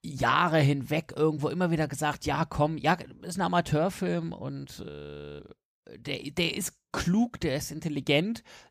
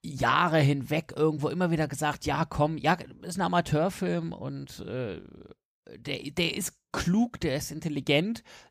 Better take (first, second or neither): second